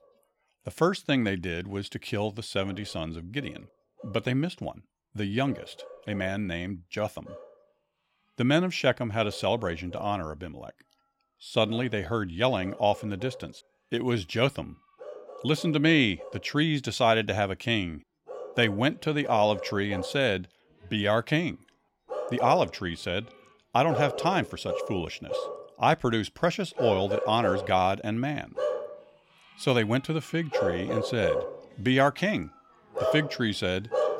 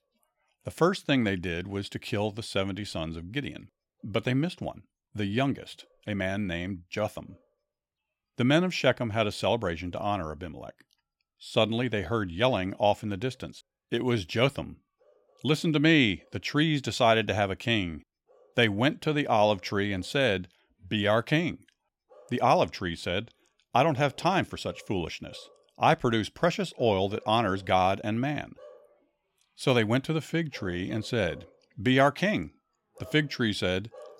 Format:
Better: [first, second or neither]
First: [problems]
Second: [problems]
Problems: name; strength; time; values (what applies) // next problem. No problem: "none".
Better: second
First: animal sounds; loud; throughout; 7 dB below the speech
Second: animal sounds; faint; throughout; 30 dB below the speech